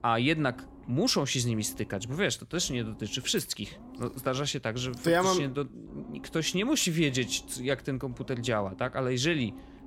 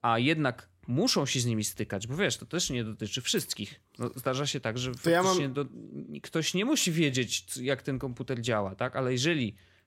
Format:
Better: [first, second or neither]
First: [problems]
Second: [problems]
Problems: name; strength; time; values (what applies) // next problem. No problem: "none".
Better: second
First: low rumble; faint; throughout; 25 dB below the speech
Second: none